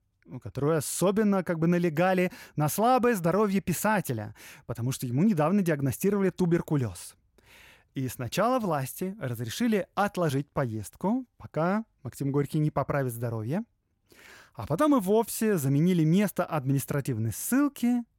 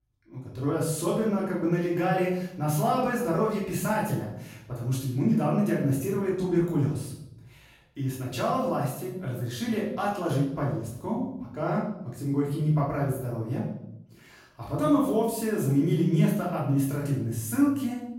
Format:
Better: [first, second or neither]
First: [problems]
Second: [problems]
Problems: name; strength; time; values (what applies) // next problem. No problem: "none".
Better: first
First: none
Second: off-mic speech; far // room echo; noticeable; dies away in 0.7 s